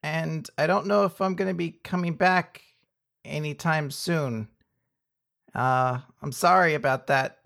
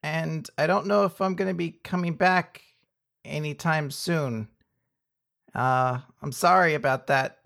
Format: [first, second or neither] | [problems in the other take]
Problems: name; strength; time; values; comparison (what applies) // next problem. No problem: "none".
neither | none